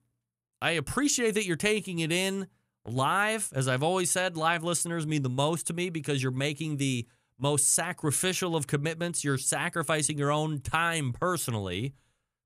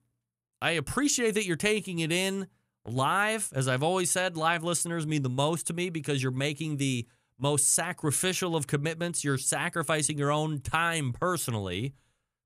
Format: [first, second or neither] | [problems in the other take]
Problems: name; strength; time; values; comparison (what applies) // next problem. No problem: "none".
neither | none